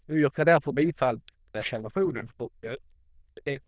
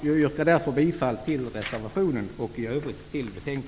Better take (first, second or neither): second